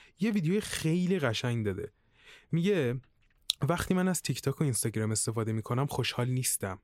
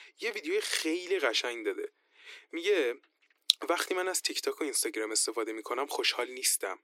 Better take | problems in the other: first | thin; very; fading below 300 Hz

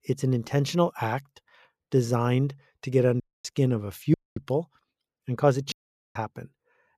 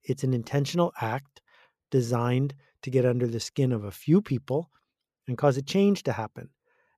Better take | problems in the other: second | audio cutting out; at 3 s, at 4 s and at 5.5 s

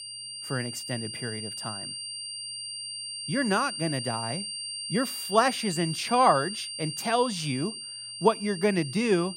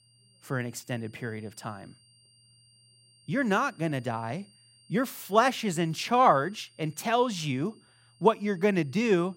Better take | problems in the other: second | high-pitched whine; loud; throughout; 4.5 kHz, 6 dB below the speech; faint in the second

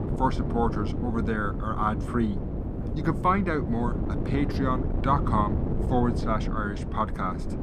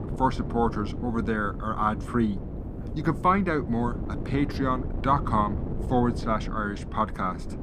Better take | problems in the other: second | wind noise on the microphone; heavy; 9 dB below the speech; occasional gusts in the second

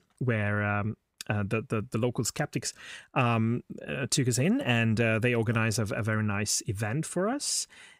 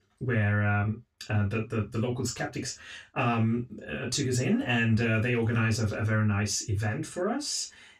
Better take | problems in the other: first | room echo; very slight; dies away in 0.2 s // off-mic speech; far

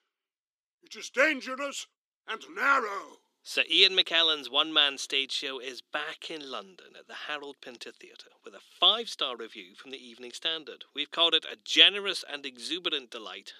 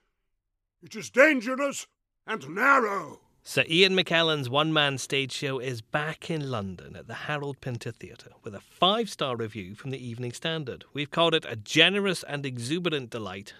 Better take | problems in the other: second | thin; somewhat; fading below 250 Hz

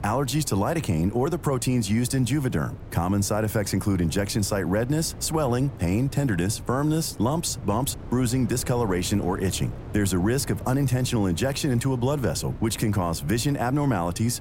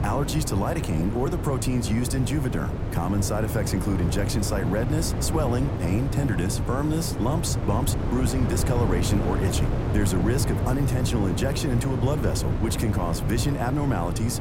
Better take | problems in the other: first | wind noise on the microphone; heavy; 4 dB below the speech; occasional gusts in the first

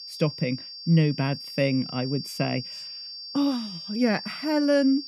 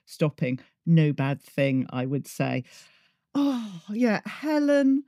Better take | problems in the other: second | high-pitched whine; loud; throughout; 4.5 kHz, 10 dB below the speech

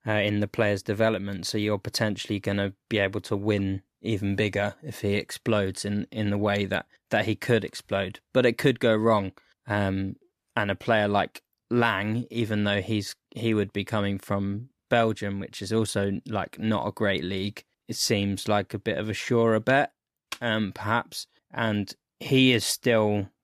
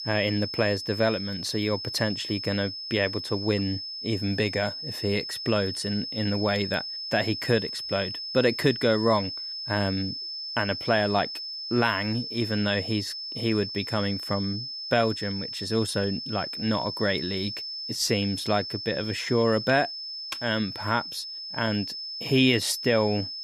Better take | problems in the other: first | high-pitched whine; loud; throughout; 5 kHz, 6 dB below the speech

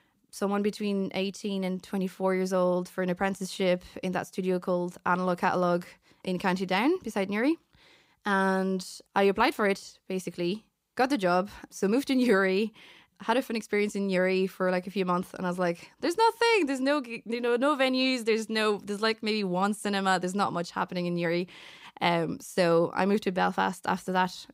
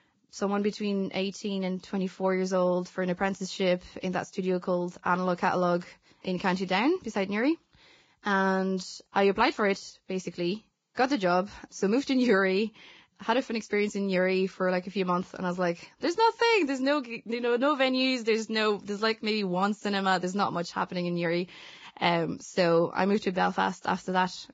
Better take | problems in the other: first | garbled, watery; badly; nothing above 7.5 kHz

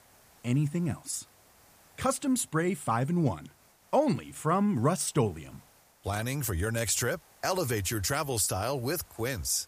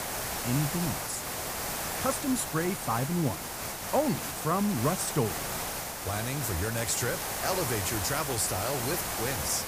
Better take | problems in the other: first | hiss; loud; throughout; 2 dB below the speech; faint in the first

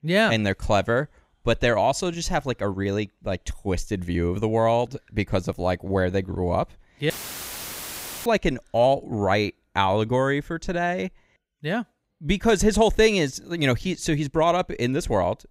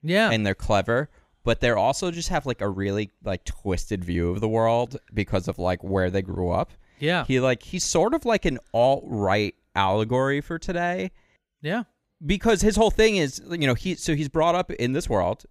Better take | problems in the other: second | audio cutting out; filled with static; at 7 s for 1 s

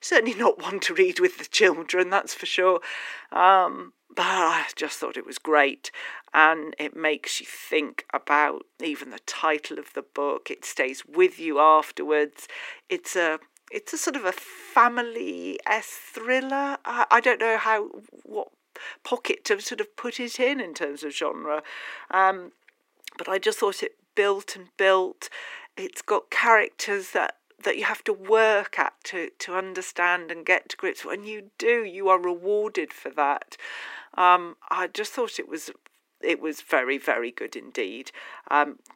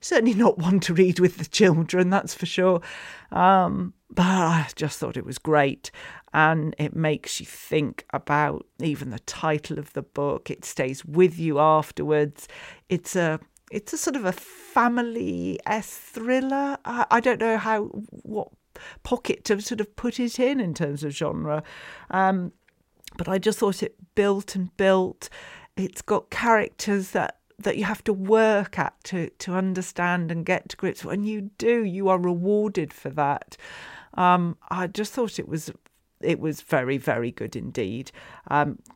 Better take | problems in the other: second | thin; somewhat; fading below 300 Hz

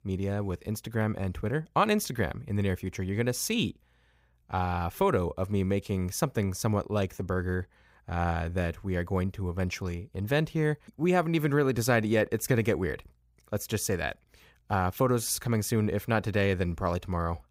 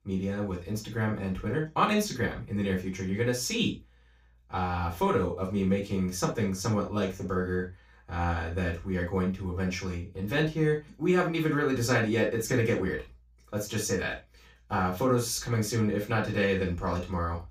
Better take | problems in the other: first | room echo; noticeable; dies away in 0.2 s // off-mic speech; far

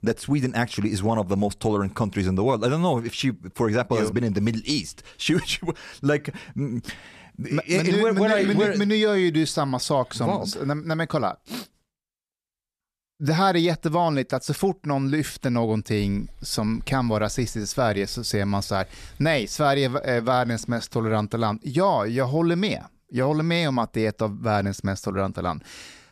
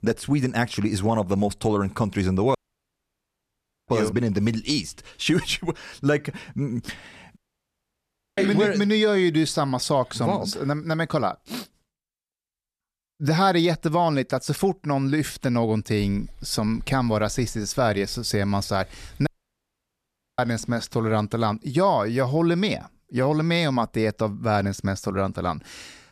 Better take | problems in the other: first | audio cutting out; at 2.5 s for 1.5 s, at 7.5 s for 1 s and at 19 s for 1 s

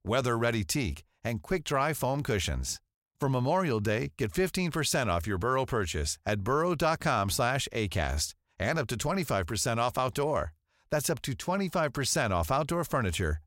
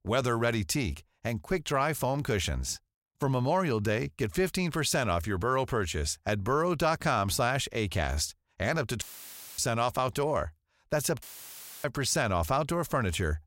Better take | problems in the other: first | audio cutting out; filled with static; at 9 s for 0.5 s and at 11 s for 0.5 s

